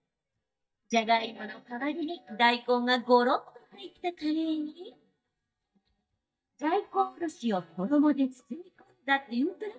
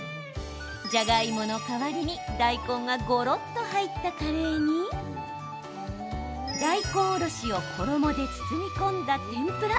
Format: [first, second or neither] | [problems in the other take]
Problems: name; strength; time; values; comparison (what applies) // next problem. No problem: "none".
second | noise reduction (neural mask model DeepFilterNet 3)